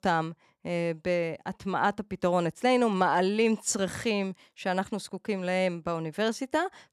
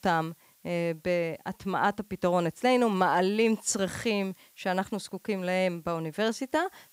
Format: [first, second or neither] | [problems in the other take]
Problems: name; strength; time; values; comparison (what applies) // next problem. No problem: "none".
first | hiss; faint; throughout; 30 dB below the speech